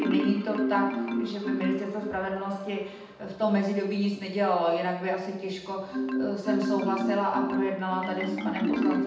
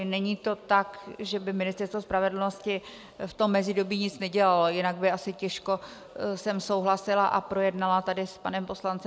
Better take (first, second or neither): second